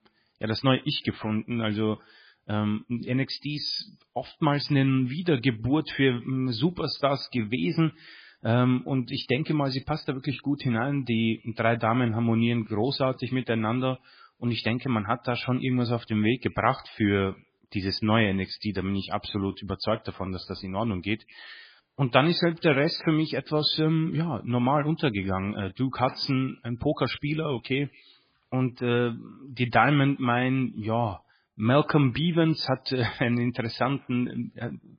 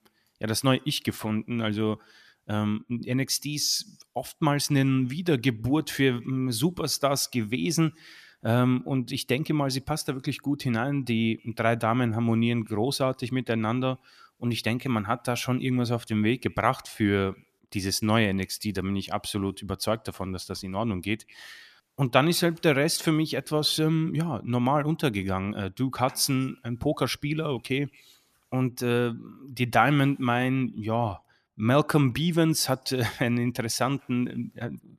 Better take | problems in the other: second | garbled, watery; badly; nothing above 5 kHz

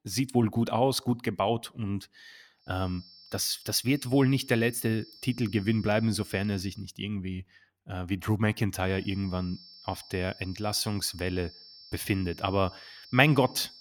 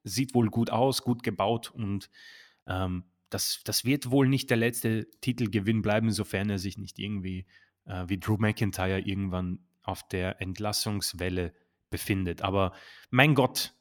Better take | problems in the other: second | high-pitched whine; noticeable; from 2.5 to 7 s and from 9 s on; 5.5 kHz, 20 dB below the speech

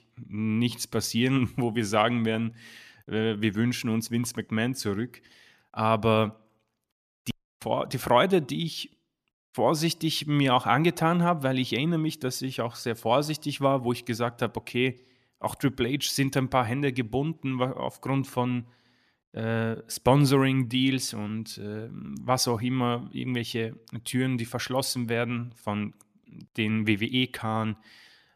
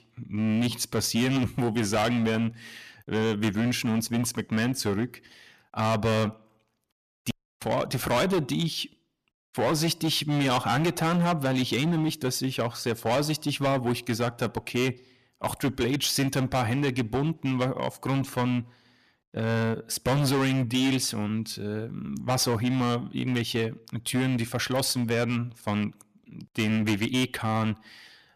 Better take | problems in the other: first | distortion; heavy; 13% of the sound clipped

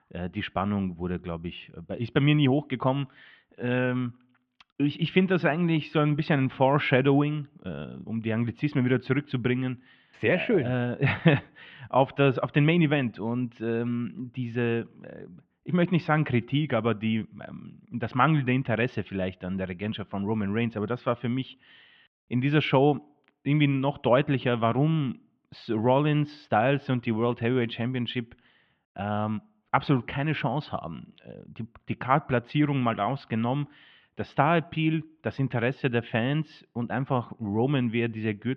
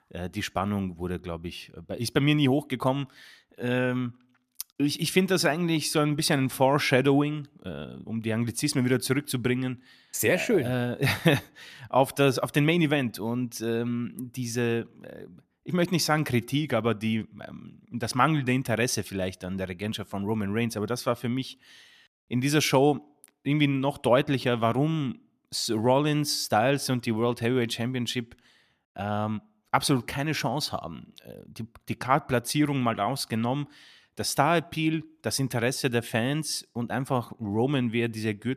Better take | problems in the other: second | muffled; very; fading above 3 kHz

